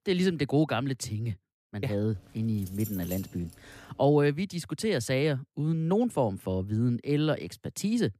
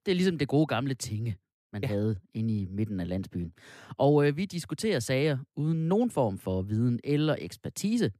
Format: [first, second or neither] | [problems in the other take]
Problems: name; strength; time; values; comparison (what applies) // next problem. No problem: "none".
second | jangling keys; faint; from 2 to 4 s; peak 10 dB below the speech